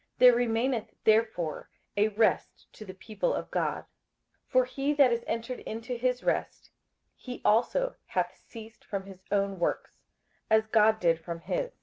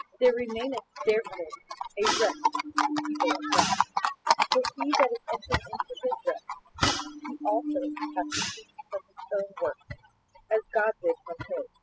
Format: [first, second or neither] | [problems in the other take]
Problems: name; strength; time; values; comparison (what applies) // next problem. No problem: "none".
first | noise reduction (classical method spectral subtraction)